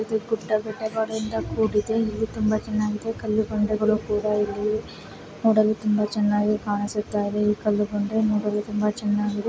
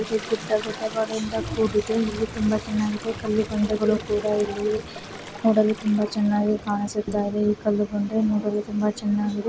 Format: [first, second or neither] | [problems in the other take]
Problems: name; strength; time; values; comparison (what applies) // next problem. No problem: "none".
first | background sound (Toilet flush); 16 dB below the speech